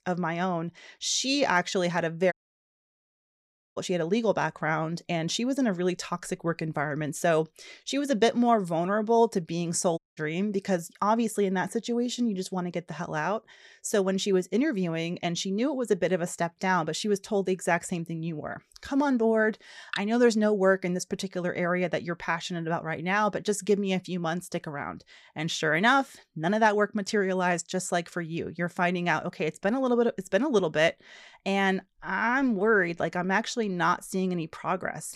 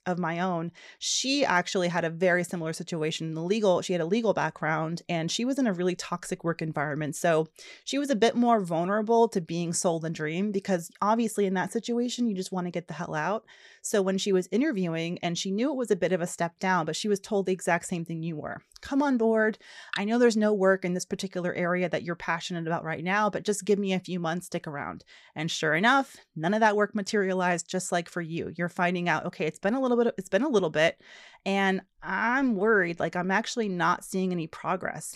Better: second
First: audio cutting out; at 2.5 s for 1.5 s and at 10 s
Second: none

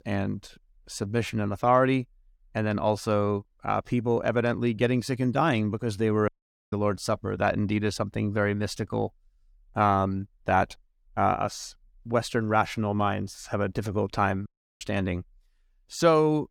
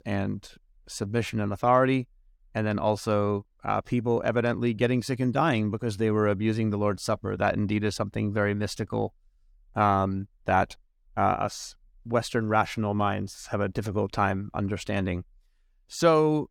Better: second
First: audio cutting out; at 6.5 s and at 14 s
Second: none

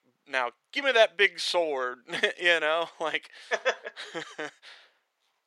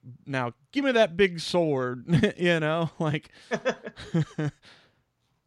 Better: second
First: thin; very; fading below 500 Hz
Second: none

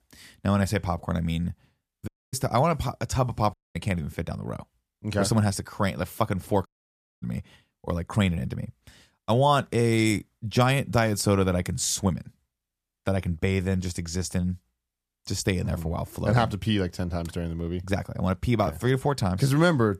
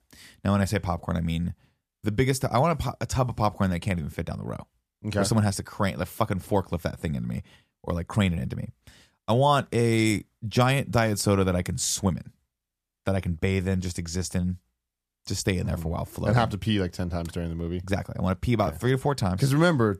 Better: second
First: audio cutting out; at 2 s, at 3.5 s and at 6.5 s for 0.5 s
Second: none

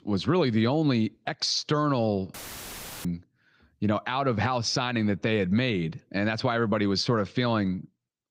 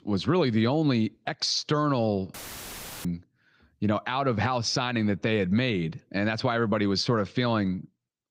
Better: neither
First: audio cutting out; filled with static; at 2.5 s for 0.5 s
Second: audio cutting out; filled with static; at 2.5 s for 0.5 s

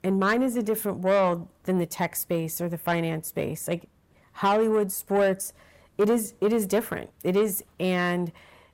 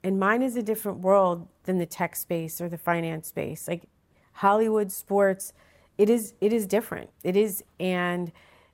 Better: second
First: distortion; slight; 10 dB below the speech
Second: none

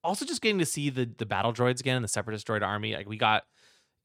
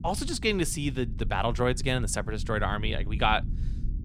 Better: first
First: none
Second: low rumble; faint; throughout; 20 dB below the speech

